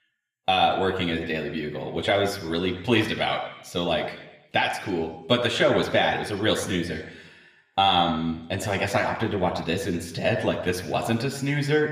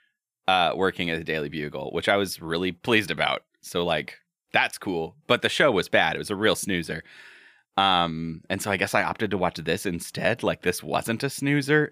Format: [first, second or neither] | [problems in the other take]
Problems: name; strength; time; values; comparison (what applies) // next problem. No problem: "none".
second | room echo; slight; dies away in 0.9 s // off-mic speech; somewhat distant